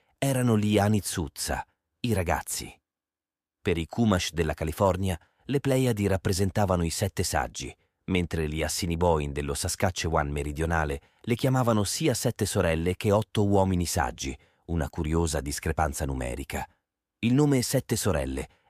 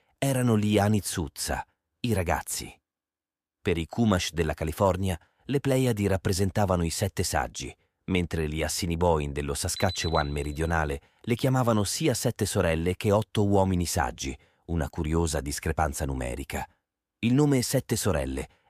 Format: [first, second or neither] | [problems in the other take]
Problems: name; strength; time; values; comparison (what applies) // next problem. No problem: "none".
first | alarm; noticeable; at 10 s; peak 9 dB below the speech